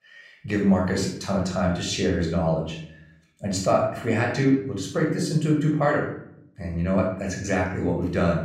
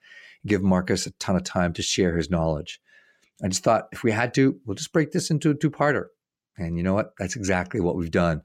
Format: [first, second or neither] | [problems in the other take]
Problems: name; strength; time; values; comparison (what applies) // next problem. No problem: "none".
second | room echo; noticeable; dies away in 0.5 s // off-mic speech; somewhat distant